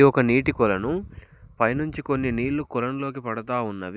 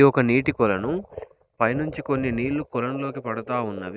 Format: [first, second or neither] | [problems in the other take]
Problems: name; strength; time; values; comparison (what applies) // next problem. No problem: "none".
first | noise reduction (neural mask model RNNoise)